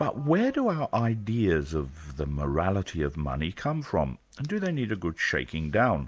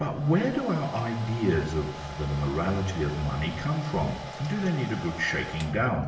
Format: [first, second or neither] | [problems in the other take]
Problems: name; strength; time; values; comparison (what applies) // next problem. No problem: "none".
first | background sound (Domestic sounds, home sounds); 12 dB below the speech // room echo; dies away in 0.8 s